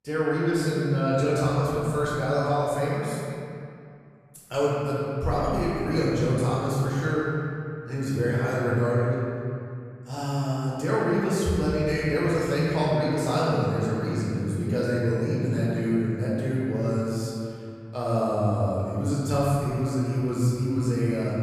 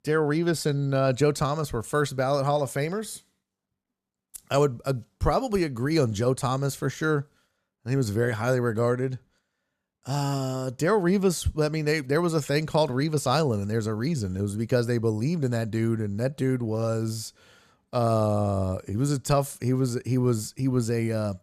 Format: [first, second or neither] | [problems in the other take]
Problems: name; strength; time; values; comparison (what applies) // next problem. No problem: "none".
second | room echo; strong; dies away in 2.5 s // off-mic speech; far